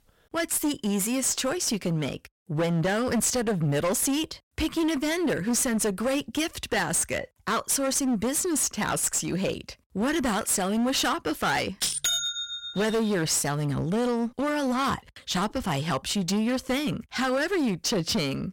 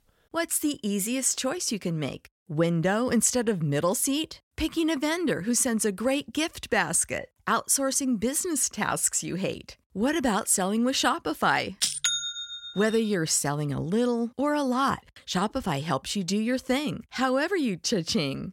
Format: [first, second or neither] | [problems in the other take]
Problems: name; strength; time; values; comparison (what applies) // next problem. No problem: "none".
second | distortion; heavy; 17% of the sound clipped